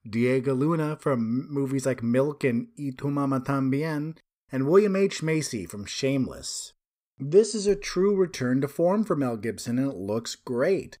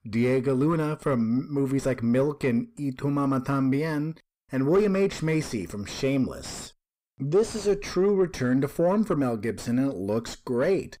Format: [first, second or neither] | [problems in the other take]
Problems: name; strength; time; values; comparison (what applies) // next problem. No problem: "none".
first | distortion; slight; 9 dB below the speech